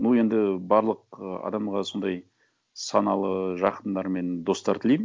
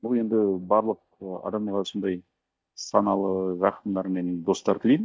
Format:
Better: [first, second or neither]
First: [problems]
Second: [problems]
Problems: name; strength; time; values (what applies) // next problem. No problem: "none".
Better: first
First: none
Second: noise reduction (neural mask model DeepFilterNet 3)